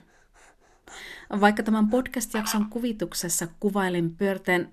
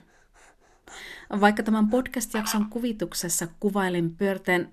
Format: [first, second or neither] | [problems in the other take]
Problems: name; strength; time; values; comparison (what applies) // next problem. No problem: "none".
neither | animal sounds; noticeable; until 3 s; 15 dB below the speech; the same in both